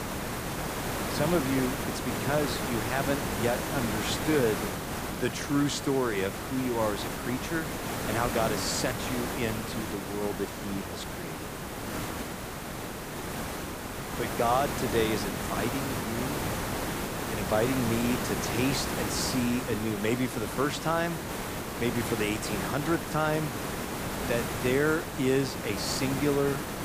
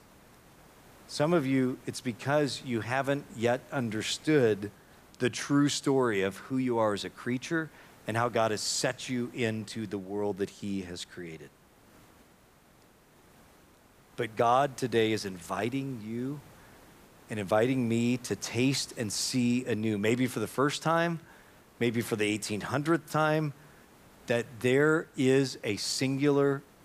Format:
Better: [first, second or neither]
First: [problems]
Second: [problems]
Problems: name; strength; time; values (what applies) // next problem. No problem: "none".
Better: second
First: hiss; loud; throughout; 3 dB below the speech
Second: hiss; faint; throughout; 25 dB below the speech